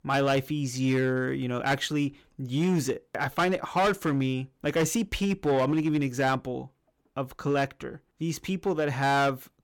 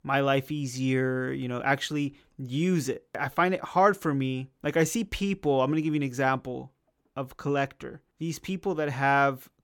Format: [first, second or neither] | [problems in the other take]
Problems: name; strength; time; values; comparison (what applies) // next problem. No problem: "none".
second | distortion; slight; 7% of the sound clipped